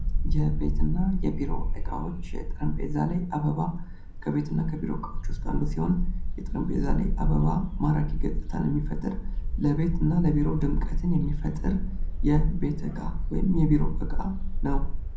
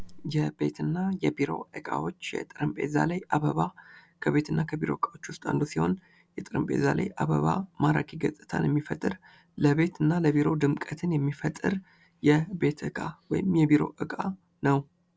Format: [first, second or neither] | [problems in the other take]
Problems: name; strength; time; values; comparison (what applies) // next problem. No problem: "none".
second | background sound (Bark); 2 dB above the speech // room echo; dies away in 0.5 s